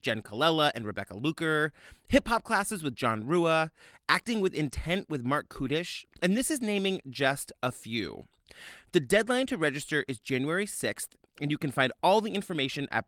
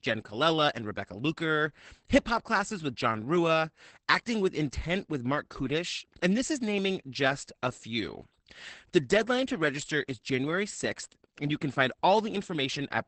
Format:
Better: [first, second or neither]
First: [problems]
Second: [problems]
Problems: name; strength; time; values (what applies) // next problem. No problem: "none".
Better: first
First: garbled, watery; slightly; nothing above 15.5 kHz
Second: garbled, watery; badly; nothing above 8 kHz